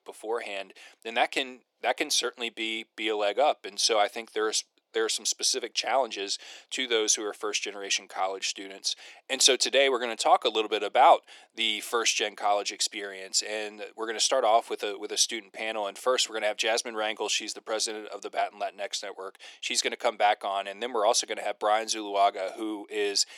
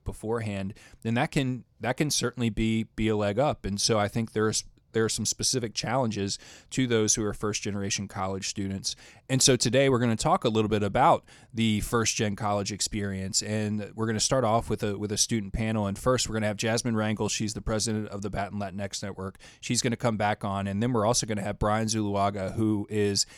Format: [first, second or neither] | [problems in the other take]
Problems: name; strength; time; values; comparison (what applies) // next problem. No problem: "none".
second | thin; very; fading below 350 Hz